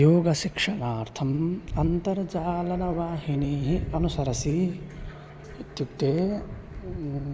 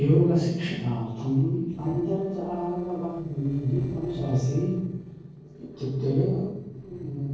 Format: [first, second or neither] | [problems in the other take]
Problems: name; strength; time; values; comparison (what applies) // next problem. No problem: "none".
first | noise reduction (neural separator model SepFormer DNS4)